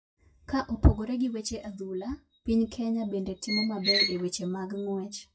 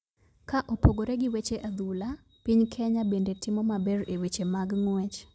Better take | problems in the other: second | noise reduction (classical method WPE with log-MMSE)

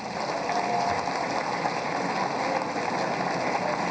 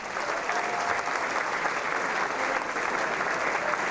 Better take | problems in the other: second | room echo; dies away in 0.9 s

